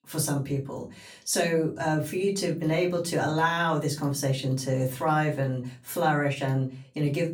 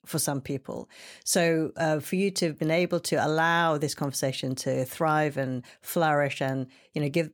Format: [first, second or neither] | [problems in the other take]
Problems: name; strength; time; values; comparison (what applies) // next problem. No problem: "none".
second | off-mic speech; far // room echo; very slight; dies away in 0.3 s